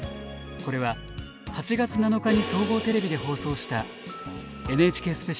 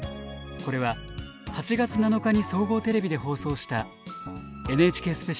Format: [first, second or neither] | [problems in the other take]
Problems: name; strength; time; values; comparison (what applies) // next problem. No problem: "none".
second | background sound (Crash cymbal); 12 dB below the speech